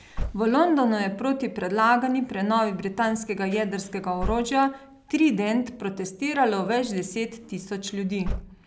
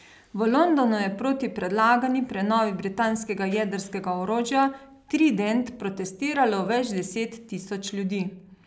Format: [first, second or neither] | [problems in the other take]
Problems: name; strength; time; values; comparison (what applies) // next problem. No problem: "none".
second | background sound (Slam / Car); 13 dB below the speech